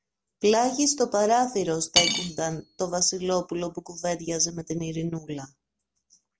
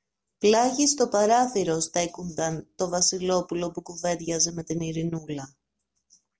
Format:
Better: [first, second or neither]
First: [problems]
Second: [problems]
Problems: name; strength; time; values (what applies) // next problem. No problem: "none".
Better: second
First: background sound (Cutlery, silverware / Dishes, pots, and pans); 1 dB below the speech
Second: none